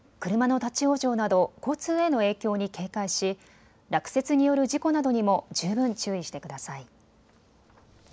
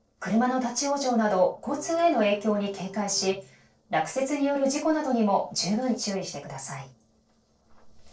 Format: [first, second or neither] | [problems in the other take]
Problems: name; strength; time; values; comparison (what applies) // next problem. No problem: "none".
first | noise reduction (neural separator model SepFormer DNS4)